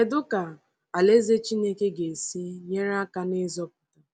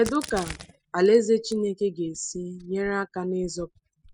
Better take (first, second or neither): first